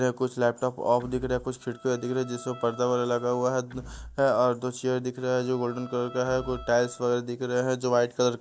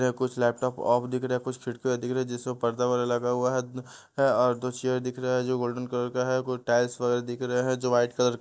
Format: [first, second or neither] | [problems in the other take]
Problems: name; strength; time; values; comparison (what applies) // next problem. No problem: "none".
second | background sound (Bowed string instrument + Door / Wood); 19 dB below the speech